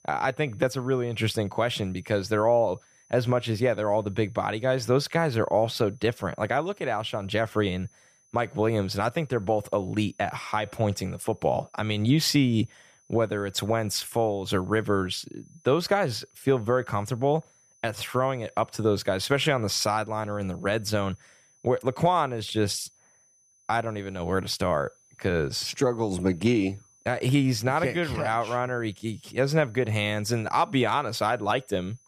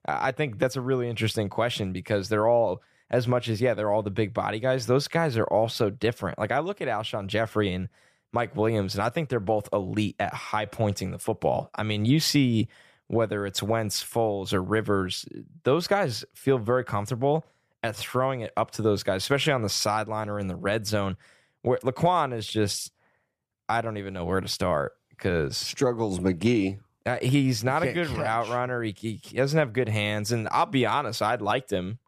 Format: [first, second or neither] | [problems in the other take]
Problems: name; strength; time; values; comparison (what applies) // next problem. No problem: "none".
second | high-pitched whine; faint; throughout; 6 kHz, 30 dB below the speech